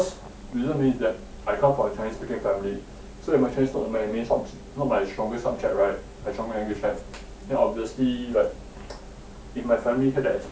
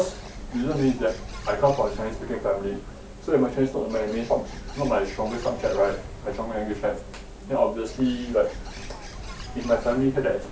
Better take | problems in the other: first | background sound (Bird); 13 dB below the speech

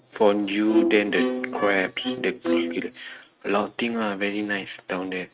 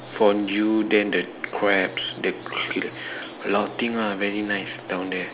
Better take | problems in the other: second | noise reduction (neural mask model RNNoise)

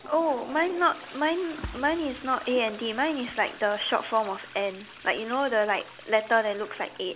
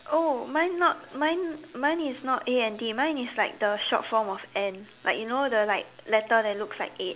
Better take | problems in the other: second | background sound (Splash, splatter + Toilet flush); 17 dB below the speech

